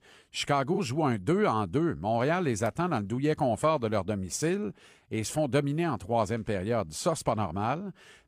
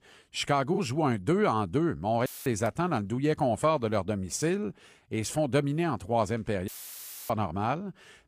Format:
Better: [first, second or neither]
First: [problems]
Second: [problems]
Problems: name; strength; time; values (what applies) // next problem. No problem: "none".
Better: first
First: none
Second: audio cutting out; filled with static; at 2.5 s and at 6.5 s for 0.5 s